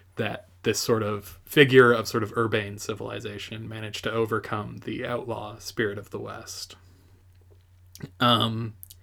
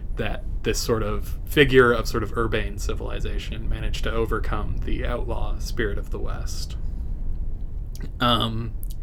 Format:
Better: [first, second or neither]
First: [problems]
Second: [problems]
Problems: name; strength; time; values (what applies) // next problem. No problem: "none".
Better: first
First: none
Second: low rumble; faint; throughout; 25 dB below the speech